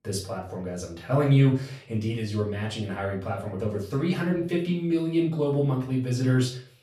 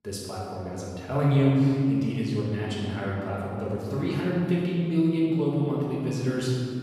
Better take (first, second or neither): first